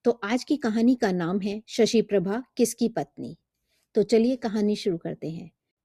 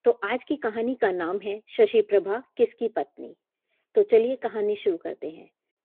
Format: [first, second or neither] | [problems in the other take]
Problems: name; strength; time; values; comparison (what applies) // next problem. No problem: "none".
first | phone-call audio